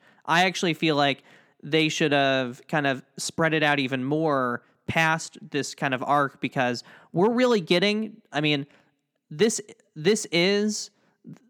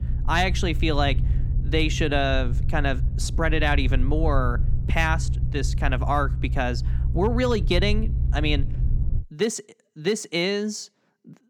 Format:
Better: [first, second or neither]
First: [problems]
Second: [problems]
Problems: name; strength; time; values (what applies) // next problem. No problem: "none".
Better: first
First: none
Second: low rumble; noticeable; until 9 s; 15 dB below the speech